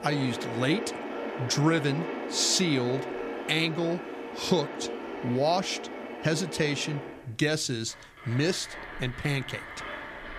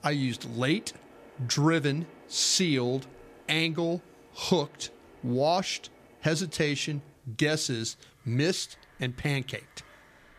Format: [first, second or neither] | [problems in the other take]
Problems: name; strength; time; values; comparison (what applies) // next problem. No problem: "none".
second | machinery noise; loud; throughout; 8 dB below the speech; faint in the second